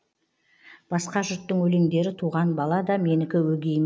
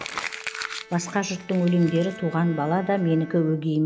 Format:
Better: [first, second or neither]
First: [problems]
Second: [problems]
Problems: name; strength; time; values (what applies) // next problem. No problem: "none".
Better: first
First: none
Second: background sound (Crumpling, crinkling + Bowed string instrument); 13 dB below the speech